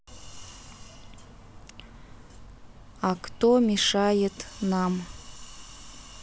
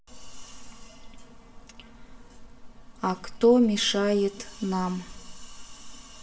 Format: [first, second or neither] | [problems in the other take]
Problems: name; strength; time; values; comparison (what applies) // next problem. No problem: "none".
first | room echo; dies away in 0.4 s